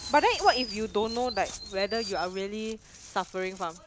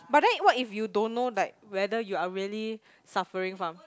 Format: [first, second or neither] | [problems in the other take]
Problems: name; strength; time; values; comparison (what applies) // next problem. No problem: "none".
second | background sound (Chirp, tweet); 11 dB below the speech